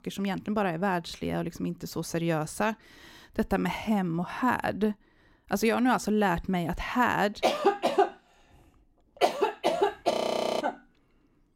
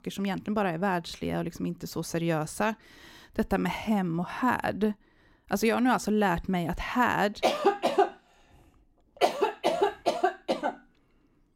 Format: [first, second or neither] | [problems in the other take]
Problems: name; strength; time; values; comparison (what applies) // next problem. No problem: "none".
second | audio freezing; at 10 s